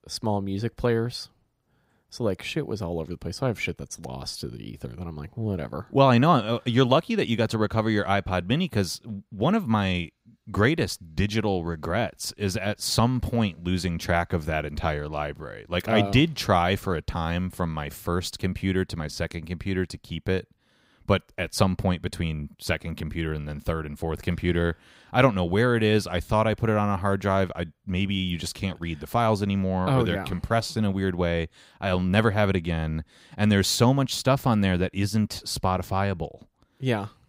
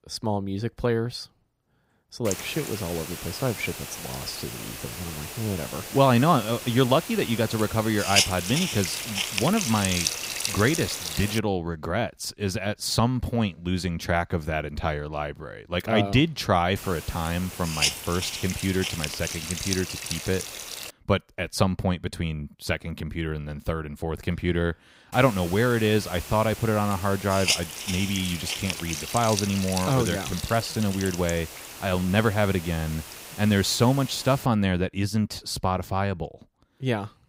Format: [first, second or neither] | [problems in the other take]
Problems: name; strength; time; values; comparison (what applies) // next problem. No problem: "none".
first | hiss; loud; from 2.5 to 11 s, from 17 to 21 s and from 25 to 34 s; 5 dB below the speech